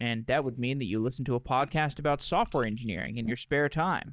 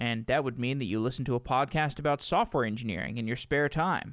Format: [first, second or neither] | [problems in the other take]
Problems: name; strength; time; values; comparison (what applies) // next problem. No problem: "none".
second | noise reduction (neural mask model DeepFilterNet 3)